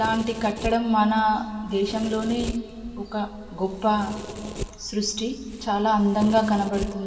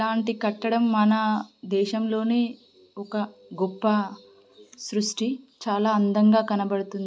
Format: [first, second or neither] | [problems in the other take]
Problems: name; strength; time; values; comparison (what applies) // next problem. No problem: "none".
second | background sound (Domestic sounds, home sounds); 13 dB below the speech // room echo; dies away in 2.4 s